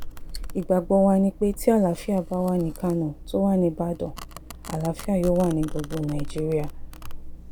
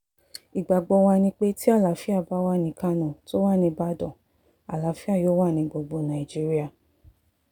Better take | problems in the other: second | background sound (Domestic sounds, home sounds); 10 dB below the speech

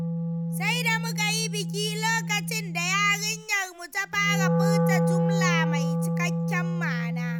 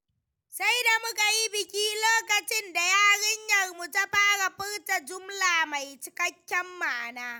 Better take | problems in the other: second | background sound (Wind instrument, woodwind instrument); 3 dB above the speech

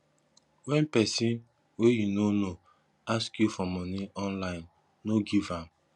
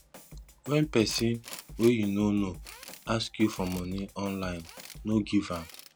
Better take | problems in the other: first | background sound (Tools + Drum kit); 16 dB below the speech

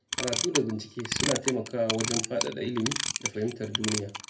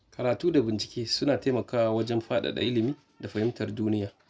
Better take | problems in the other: second | background sound (Clock); 2 dB below the speech // room echo; dies away in 0.3 s

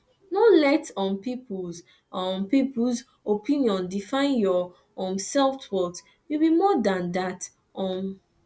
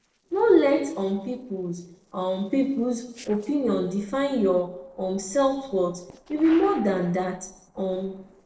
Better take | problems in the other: first | noise reduction (neural separator model SepFormer DNS4)

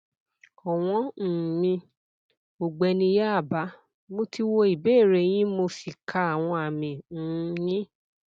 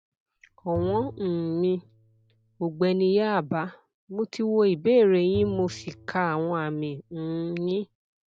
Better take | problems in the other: first | background sound (Bowed string instrument); 17 dB below the speech

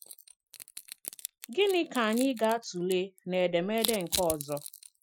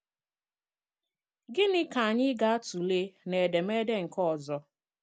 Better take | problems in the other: second | noise reduction (classical method Wiener filter)

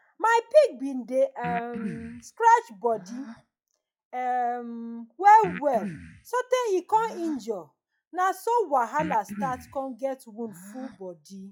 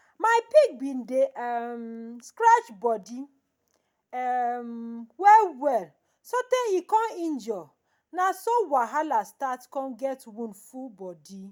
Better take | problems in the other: second | noise reduction (classical method log-MMSE)

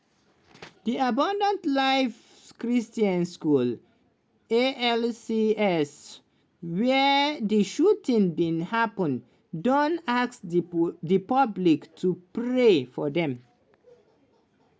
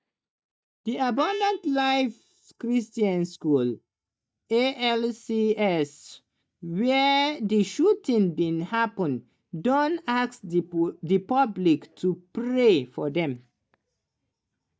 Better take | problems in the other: first | noise reduction (neural mask model DeepFilterNet 3)

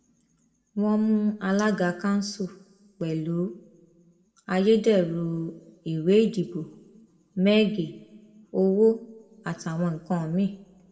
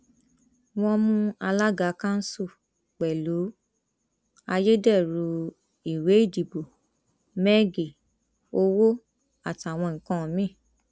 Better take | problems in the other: second | room echo; dies away in 0.9 s

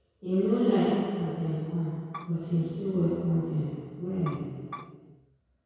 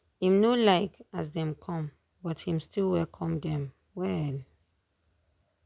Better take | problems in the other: second | background sound (Bowed string instrument); 14 dB below the speech // room echo; dies away in 2 s

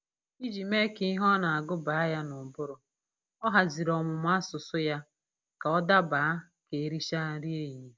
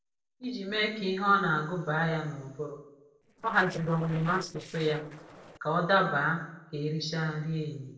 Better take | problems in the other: first | noise reduction (neural separator model SepFormer DNS4)

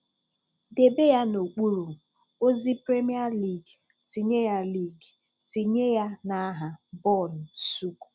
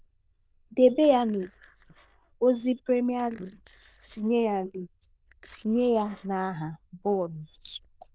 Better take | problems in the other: first | noise reduction (neural diffusion model UNIVERSE++)

